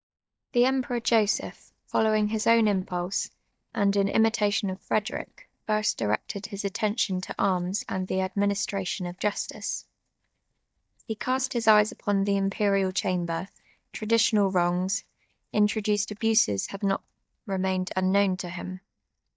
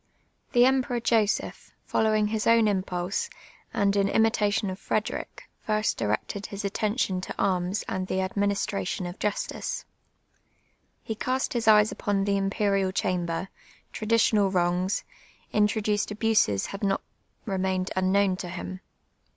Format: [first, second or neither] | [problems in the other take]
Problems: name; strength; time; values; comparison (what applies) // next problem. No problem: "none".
second | noise reduction (neural mask model DeepFilterNet 3)